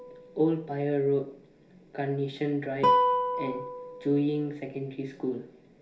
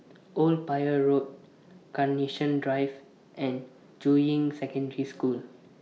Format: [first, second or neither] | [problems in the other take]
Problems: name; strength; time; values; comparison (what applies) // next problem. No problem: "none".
second | background sound (Guitar); 2 dB below the speech // room echo; dies away in 0.3 s